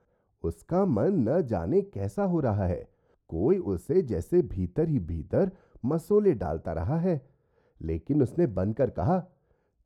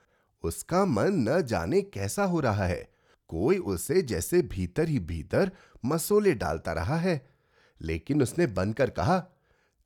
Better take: second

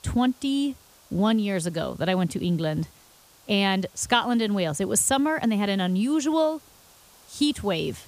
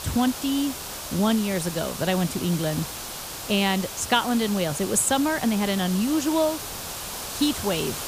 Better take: first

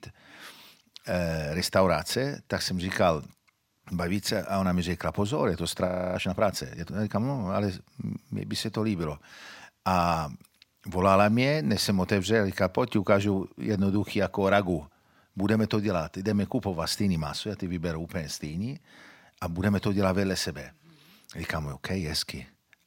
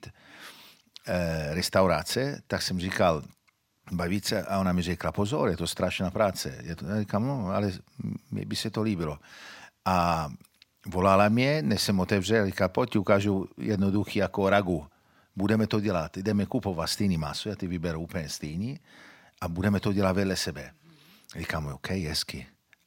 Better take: second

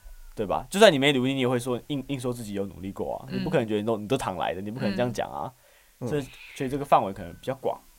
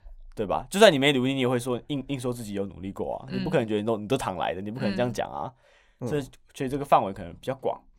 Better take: second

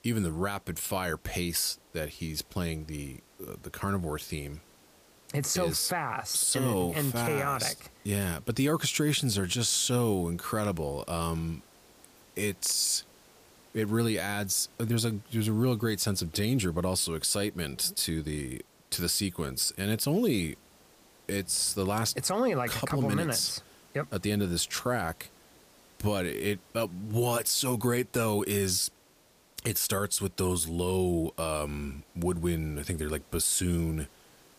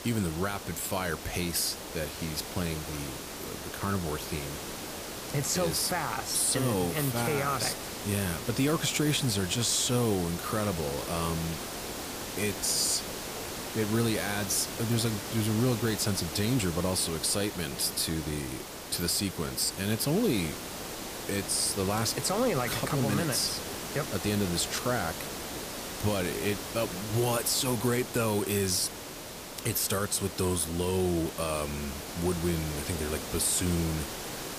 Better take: first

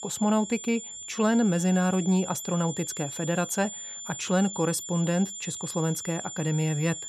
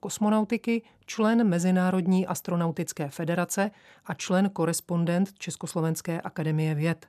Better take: second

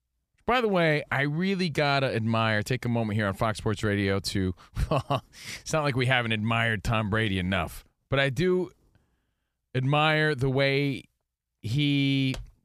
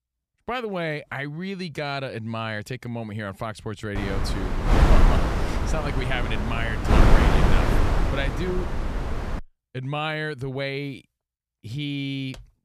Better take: first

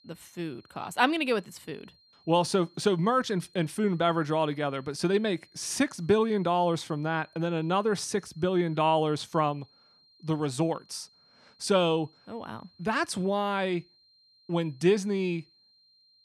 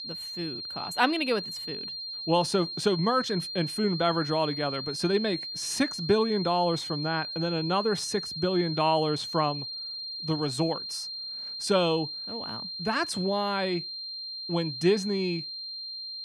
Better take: first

